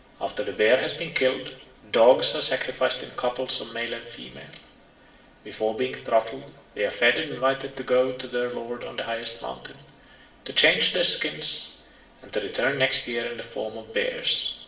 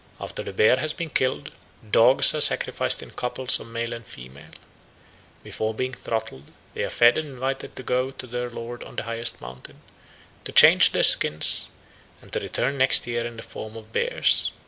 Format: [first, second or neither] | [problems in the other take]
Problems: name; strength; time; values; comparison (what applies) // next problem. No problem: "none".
second | room echo; dies away in 0.7 s